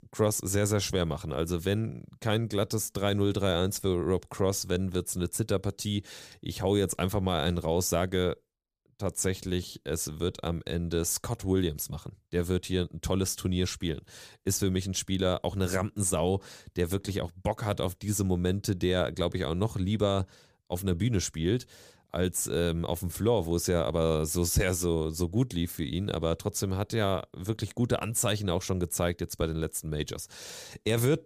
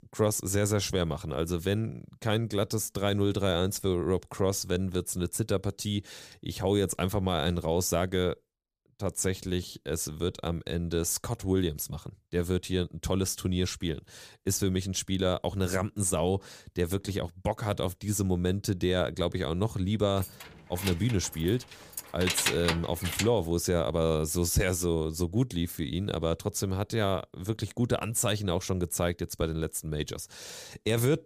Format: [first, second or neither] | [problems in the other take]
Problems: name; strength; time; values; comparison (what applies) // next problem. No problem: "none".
first | jangling keys; loud; from 20 to 23 s; peak 2 dB above the speech